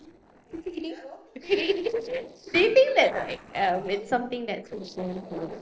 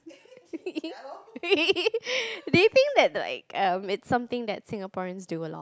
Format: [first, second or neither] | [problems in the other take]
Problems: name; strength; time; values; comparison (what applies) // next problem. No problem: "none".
second | noise reduction (neural separator model SepFormer DNS4)